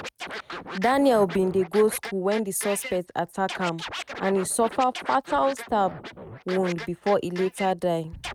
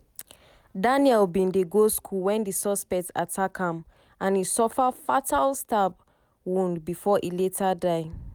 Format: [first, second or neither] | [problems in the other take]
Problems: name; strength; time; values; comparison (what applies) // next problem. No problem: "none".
second | noise reduction (neural mask model RNNoise)